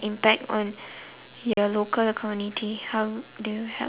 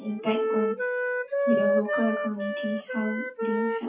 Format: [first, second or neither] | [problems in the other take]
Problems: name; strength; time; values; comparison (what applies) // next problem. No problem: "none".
first | noise reduction (classical method WPE with log-MMSE)